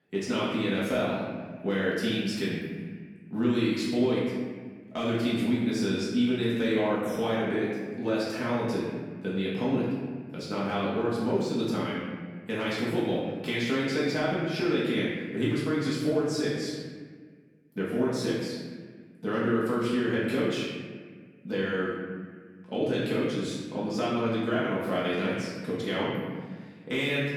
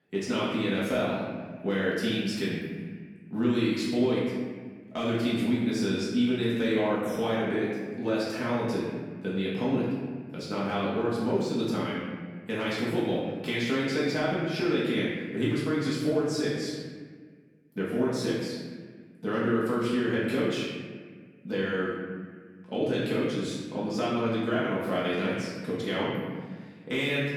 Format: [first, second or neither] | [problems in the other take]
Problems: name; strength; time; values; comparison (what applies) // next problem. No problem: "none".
neither | off-mic speech; far; the same in both // room echo; strong; dies away in 1.4 s; the same in both